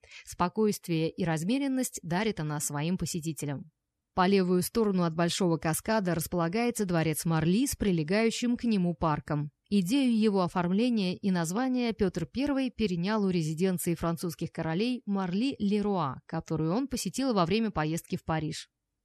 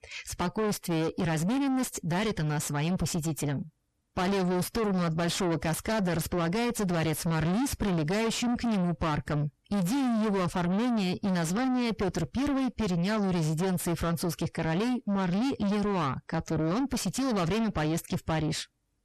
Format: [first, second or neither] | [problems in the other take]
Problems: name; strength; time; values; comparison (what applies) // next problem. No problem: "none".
first | distortion; heavy; 5 dB below the speech